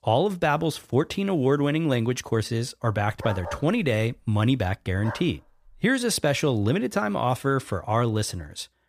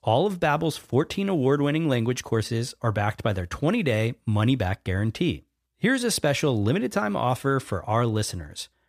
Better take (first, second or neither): second